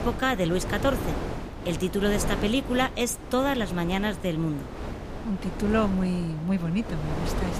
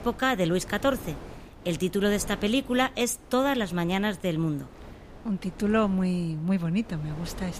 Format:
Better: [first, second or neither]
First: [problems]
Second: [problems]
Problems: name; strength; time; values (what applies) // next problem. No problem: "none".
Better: second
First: wind noise on the microphone; heavy; 8 dB below the speech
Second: wind noise on the microphone; occasional gusts; 20 dB below the speech